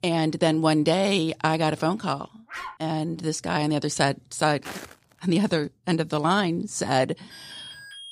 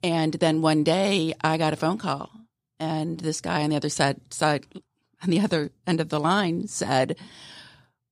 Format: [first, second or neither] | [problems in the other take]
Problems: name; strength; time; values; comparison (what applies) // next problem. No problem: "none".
second | dog barking; faint; at 2.5 s; peak 10 dB below the speech // footsteps; faint; at 4.5 s; peak 15 dB below the speech // alarm; faint; at 7.5 s; peak 15 dB below the speech